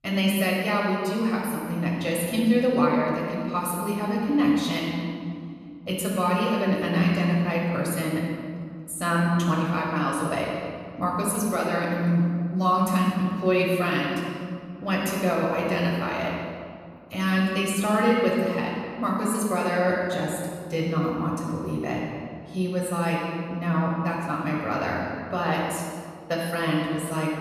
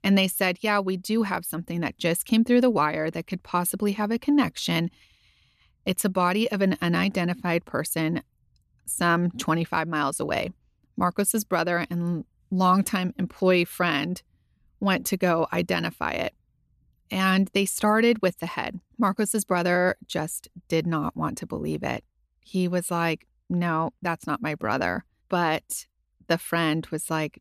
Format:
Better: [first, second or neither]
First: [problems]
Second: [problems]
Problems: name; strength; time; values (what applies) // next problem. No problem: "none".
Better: second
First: off-mic speech; far // room echo; strong; dies away in 1.8 s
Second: none